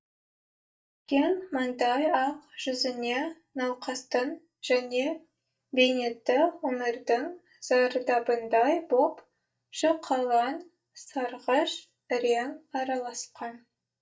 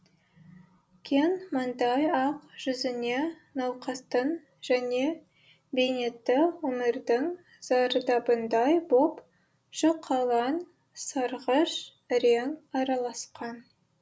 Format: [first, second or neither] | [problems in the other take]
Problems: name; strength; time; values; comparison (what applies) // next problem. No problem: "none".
second | noise reduction (neural mask model DeepFilterNet 3)